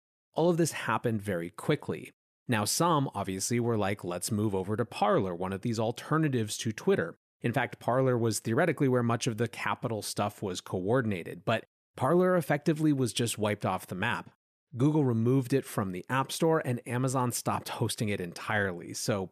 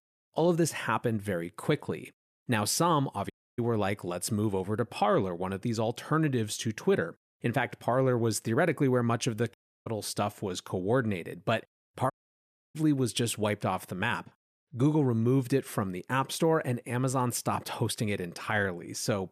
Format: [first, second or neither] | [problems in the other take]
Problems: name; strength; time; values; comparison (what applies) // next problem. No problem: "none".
first | audio cutting out; at 3.5 s, at 9.5 s and at 12 s for 0.5 s